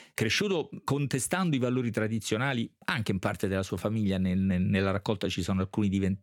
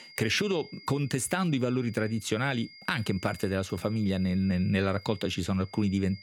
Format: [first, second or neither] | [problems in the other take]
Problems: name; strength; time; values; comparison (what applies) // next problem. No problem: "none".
first | high-pitched whine; noticeable; throughout; 5 kHz, 20 dB below the speech